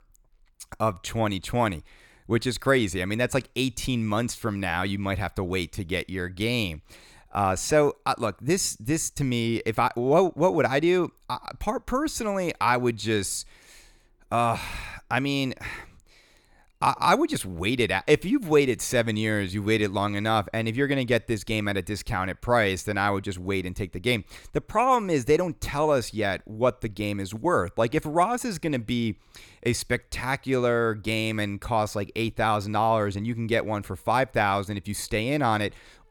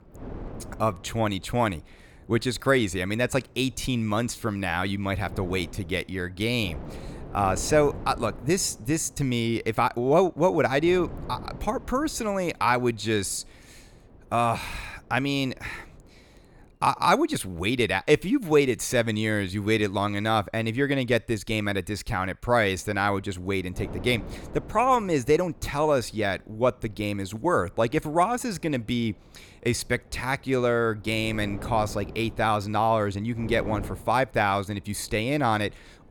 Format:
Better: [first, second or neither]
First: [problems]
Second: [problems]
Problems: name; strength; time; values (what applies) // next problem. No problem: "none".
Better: first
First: none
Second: wind noise on the microphone; occasional gusts; until 17 s and from 23 s on; 20 dB below the speech